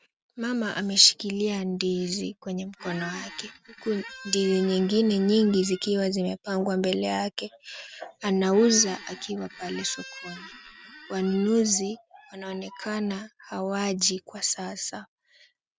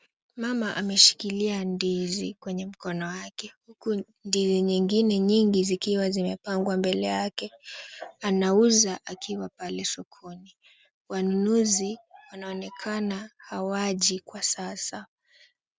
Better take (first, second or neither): second